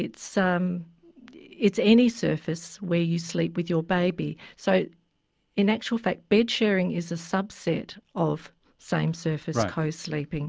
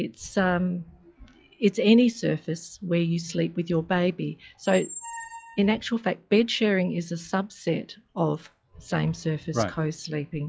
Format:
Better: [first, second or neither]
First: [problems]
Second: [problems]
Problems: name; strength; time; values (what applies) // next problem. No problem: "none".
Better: first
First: none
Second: noise reduction (classical method log-MMSE)